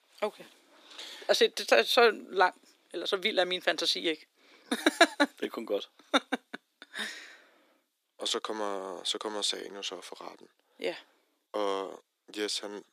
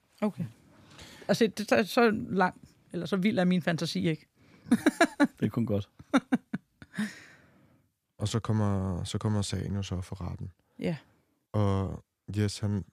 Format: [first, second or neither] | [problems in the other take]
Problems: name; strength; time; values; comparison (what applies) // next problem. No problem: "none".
second | thin; very; fading below 350 Hz